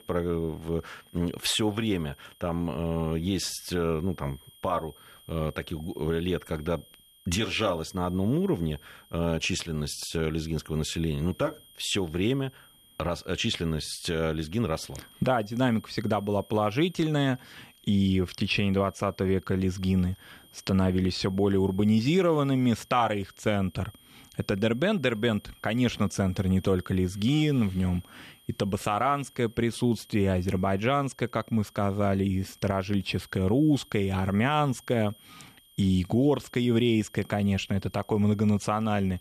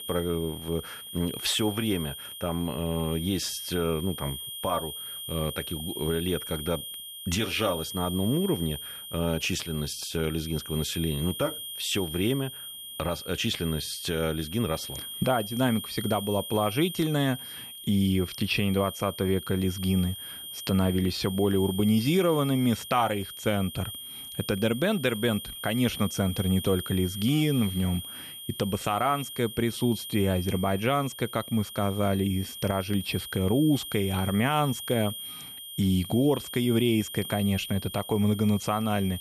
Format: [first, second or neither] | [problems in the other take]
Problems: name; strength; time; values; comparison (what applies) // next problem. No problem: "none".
first | high-pitched whine; loud; throughout; 3 kHz, 9 dB below the speech; faint in the first